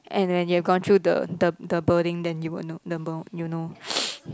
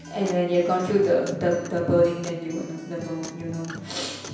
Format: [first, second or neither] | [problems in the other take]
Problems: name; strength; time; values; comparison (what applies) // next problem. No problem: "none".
first | background sound (Acoustic guitar); 15 dB below the speech // room echo; dies away in 0.9 s